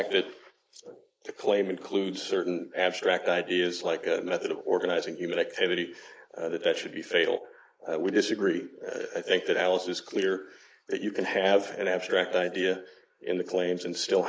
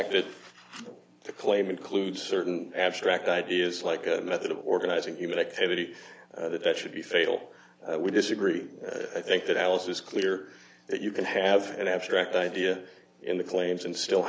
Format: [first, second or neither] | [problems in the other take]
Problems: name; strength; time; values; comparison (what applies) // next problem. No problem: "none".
second | noise reduction (neural mask model Resemble Enhance denoiser)